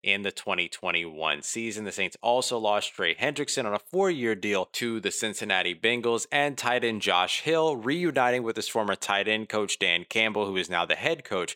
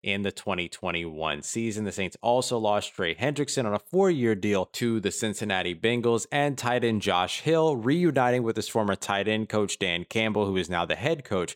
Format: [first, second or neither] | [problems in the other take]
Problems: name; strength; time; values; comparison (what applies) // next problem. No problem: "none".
second | thin; very slightly; fading below 450 Hz